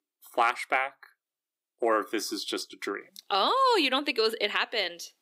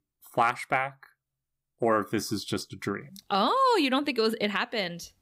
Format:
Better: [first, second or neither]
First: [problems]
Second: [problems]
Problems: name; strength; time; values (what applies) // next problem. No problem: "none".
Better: second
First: thin; somewhat; fading below 350 Hz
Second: none